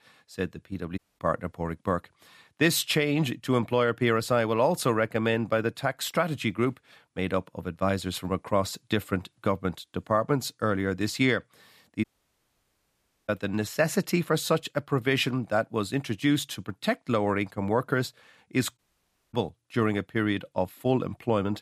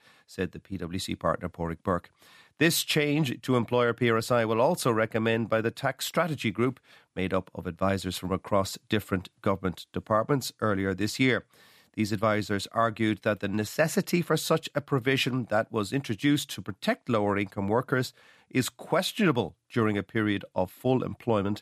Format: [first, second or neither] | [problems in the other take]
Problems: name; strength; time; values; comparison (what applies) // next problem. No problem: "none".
second | audio cutting out; at 1 s, at 12 s for 1 s and at 19 s for 0.5 s